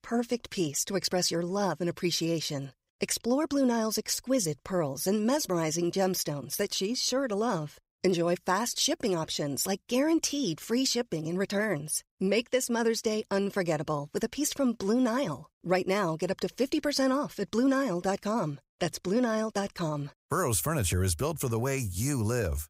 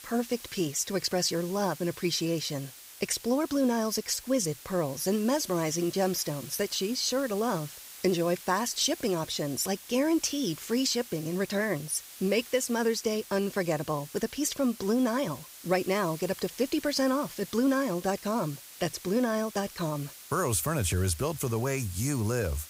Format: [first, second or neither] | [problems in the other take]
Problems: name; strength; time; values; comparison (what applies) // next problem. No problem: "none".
first | hiss; noticeable; throughout; 15 dB below the speech